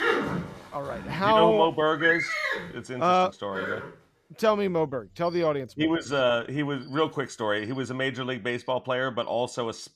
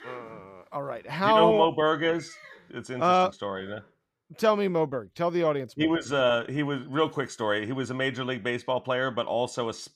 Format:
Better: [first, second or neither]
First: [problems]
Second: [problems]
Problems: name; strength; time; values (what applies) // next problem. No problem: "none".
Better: second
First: animal sounds; loud; throughout; 4 dB below the speech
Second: animal sounds; faint; throughout; 25 dB below the speech